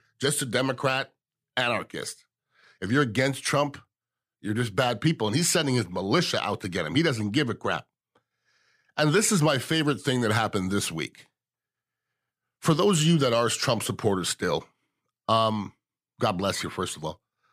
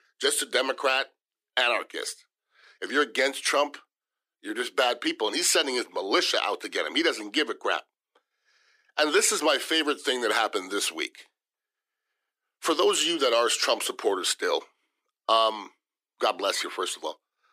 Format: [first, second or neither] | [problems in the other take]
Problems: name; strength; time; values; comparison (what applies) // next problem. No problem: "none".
first | thin; very; fading below 300 Hz